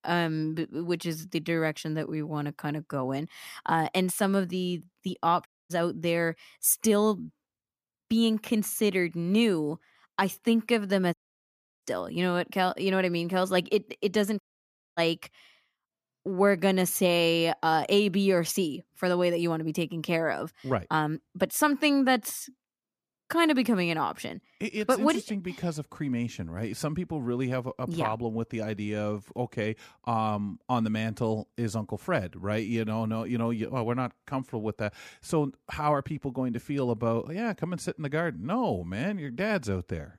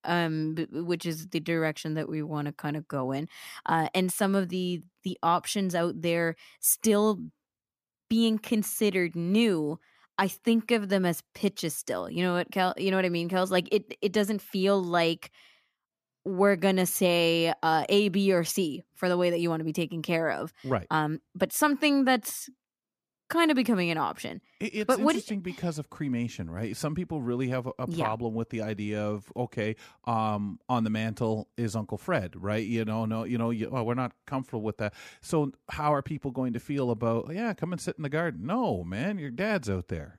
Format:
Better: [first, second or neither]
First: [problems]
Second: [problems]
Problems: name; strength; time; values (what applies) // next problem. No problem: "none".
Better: second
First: audio cutting out; at 5.5 s, at 11 s for 0.5 s and at 14 s for 0.5 s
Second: none